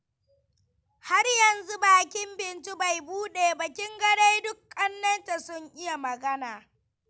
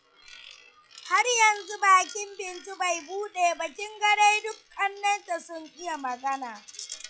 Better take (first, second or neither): first